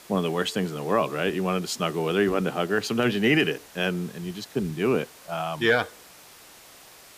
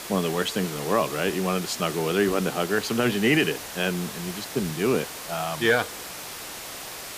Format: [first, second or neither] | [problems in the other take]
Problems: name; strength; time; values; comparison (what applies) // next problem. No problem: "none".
first | hiss; loud; throughout; 9 dB below the speech; faint in the first